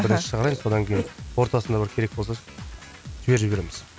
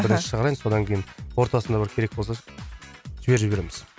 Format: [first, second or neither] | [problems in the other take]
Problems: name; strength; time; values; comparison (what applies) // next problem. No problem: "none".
second | background sound (Burping, eructation); 15 dB below the speech